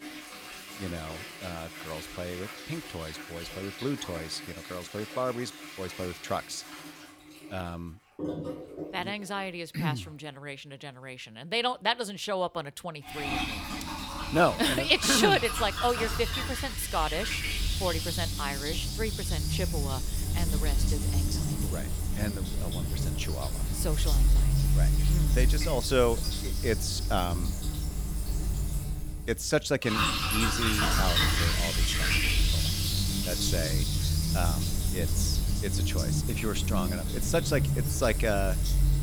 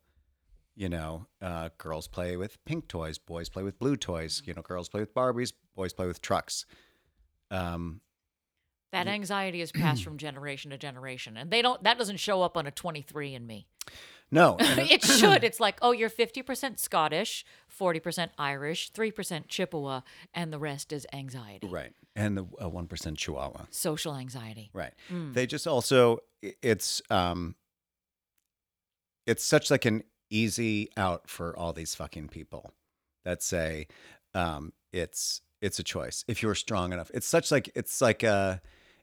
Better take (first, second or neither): second